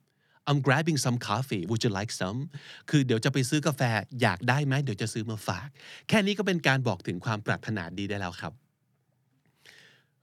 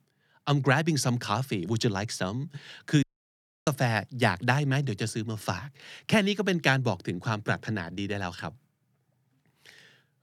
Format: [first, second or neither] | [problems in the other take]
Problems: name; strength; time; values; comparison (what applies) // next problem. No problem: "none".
first | audio cutting out; at 3 s for 0.5 s